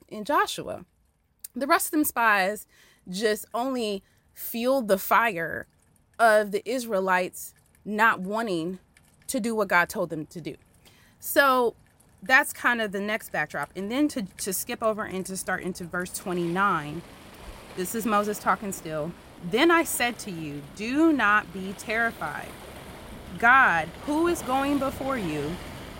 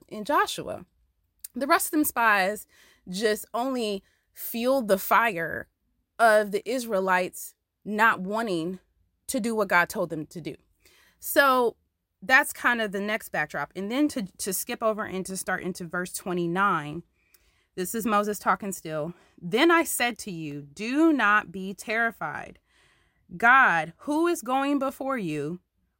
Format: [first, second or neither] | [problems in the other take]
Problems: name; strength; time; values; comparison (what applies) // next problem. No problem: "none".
second | rain or running water; noticeable; throughout; 20 dB below the speech